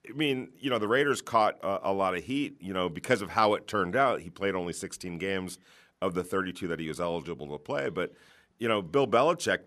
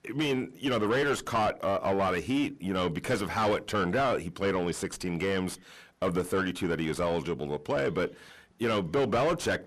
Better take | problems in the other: first | distortion; heavy; 6 dB below the speech

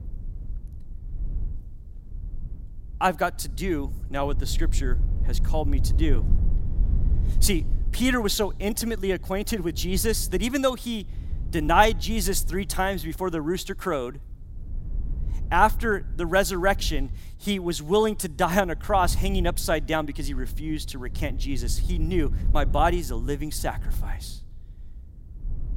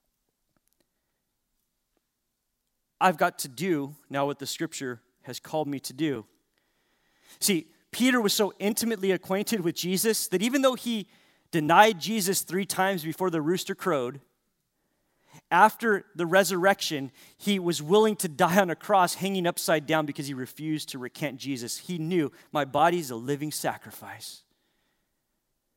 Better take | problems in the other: second | low rumble; faint; throughout; 25 dB below the speech

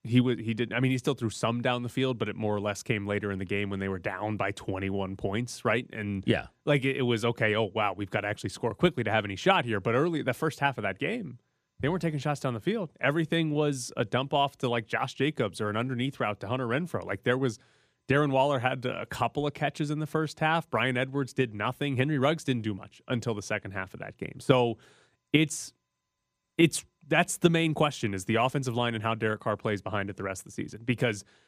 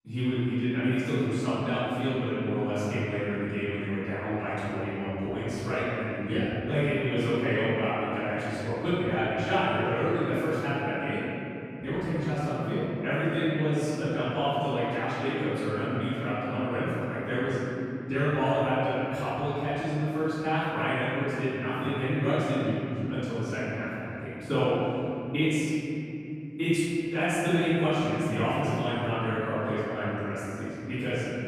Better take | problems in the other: first | off-mic speech; far // room echo; strong; dies away in 3 s

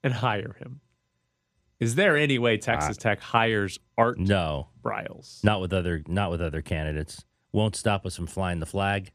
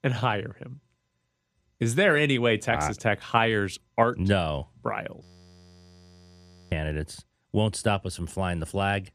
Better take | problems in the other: first | audio freezing; at 5 s for 1.5 s

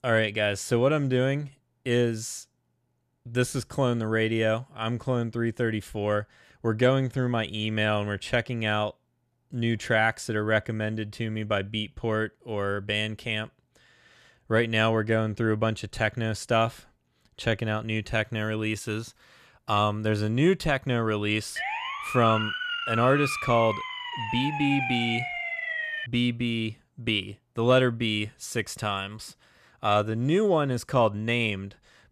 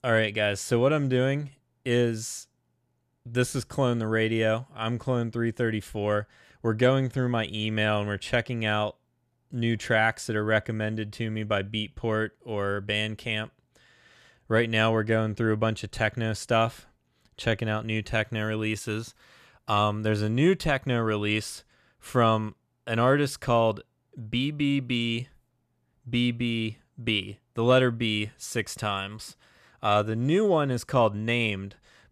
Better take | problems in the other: second | siren; noticeable; from 22 to 26 s; peak 2 dB below the speech

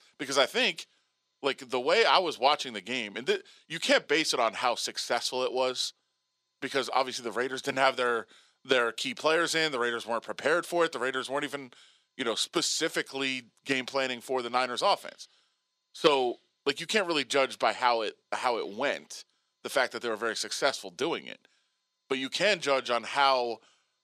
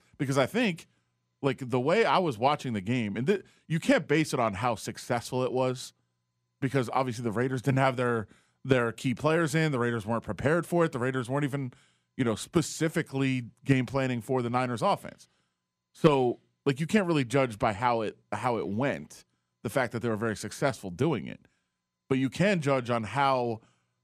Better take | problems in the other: second | thin; somewhat; fading below 450 Hz

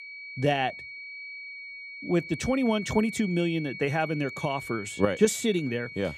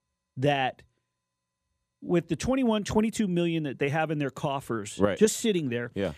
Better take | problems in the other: second | high-pitched whine; noticeable; throughout; 2.5 kHz, 10 dB below the speech

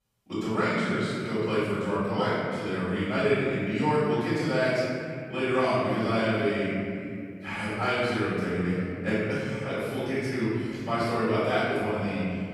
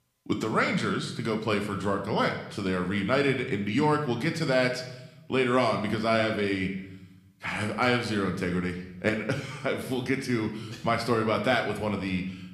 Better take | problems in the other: second | room echo; strong; dies away in 2.7 s; slight in the second // off-mic speech; far

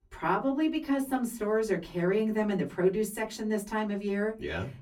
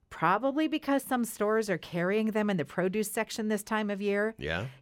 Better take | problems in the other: second | off-mic speech; far // room echo; very slight; dies away in 0.2 s

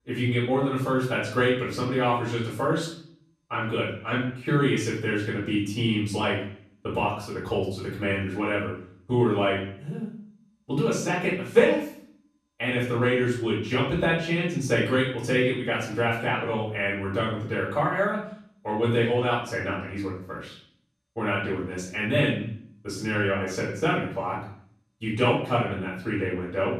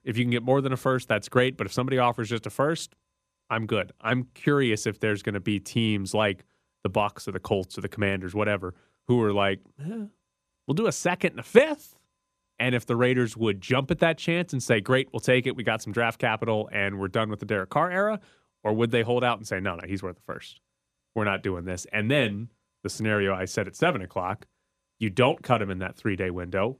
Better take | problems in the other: second | off-mic speech; far // room echo; noticeable; dies away in 0.5 s

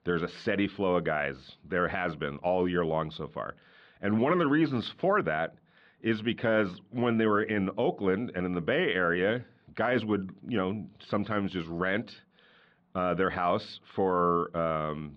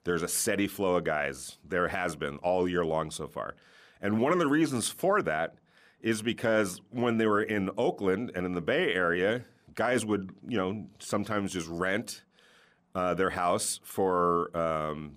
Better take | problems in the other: second | muffled; slightly; fading above 4 kHz

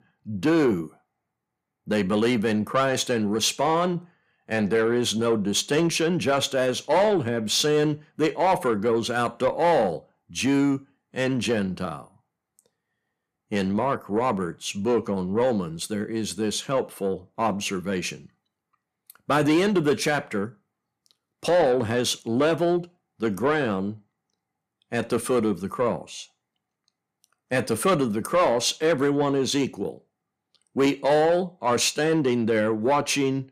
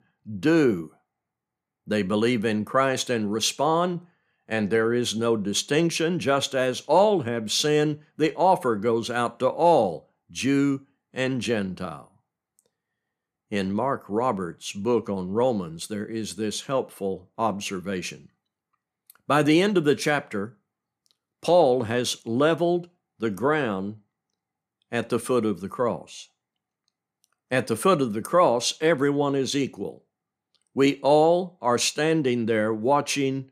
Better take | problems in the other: second | distortion; slight; 10 dB below the speech

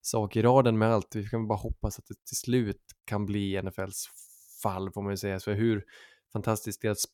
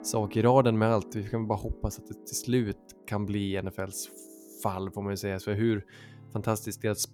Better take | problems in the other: first | background music; faint; throughout; 20 dB below the speech

